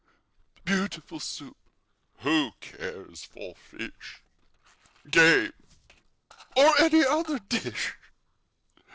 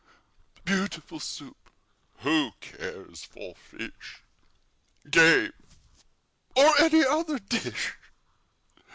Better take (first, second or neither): second